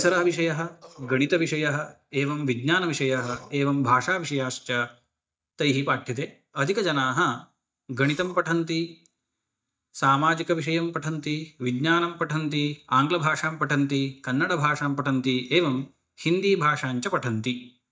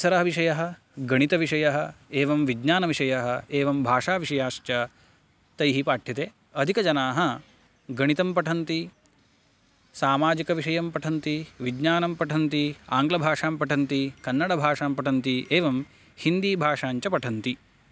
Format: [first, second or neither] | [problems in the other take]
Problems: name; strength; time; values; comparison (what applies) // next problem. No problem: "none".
second | noise reduction (neural mask model DeepFilterNet 3)